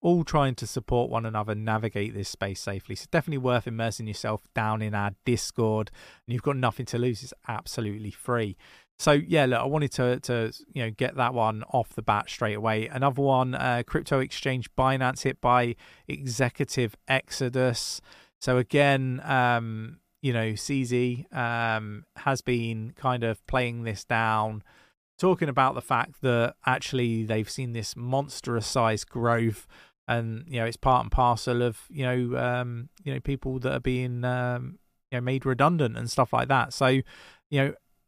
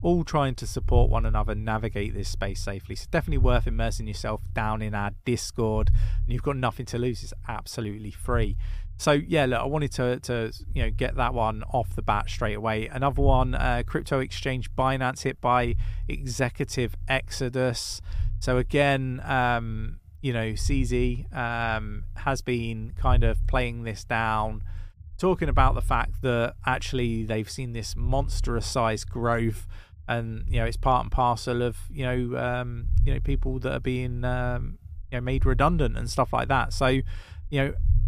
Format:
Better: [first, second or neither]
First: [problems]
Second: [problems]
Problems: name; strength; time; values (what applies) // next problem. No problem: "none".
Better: first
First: none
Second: low rumble; faint; throughout; 25 dB below the speech